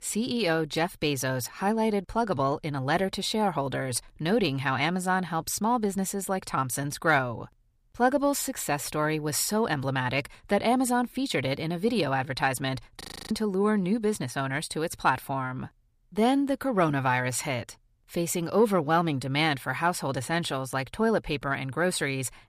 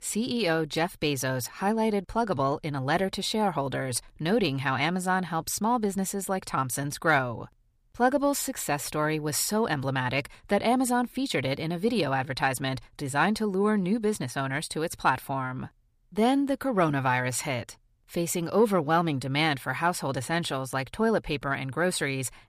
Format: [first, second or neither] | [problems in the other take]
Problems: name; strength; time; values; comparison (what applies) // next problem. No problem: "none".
second | audio freezing; at 13 s